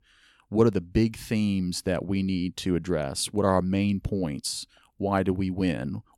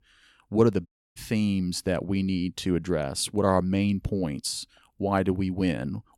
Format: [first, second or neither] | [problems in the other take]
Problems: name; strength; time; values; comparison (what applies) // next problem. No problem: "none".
first | audio cutting out; at 1 s